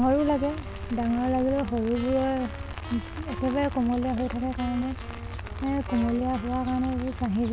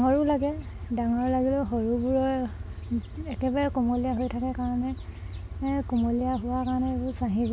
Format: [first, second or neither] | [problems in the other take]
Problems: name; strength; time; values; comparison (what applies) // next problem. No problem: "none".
second | background sound (Rain + Wind instrument, woodwind instrument); 14 dB below the speech